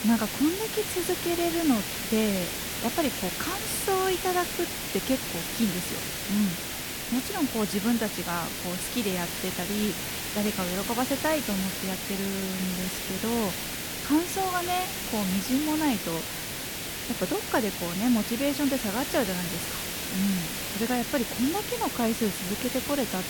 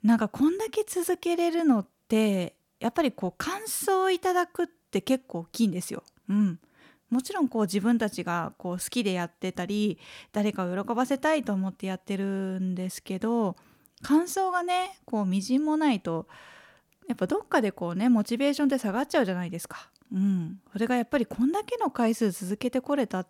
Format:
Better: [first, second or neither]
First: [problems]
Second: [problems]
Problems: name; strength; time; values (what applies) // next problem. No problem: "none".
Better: second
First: hiss; loud; throughout; 2 dB below the speech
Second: none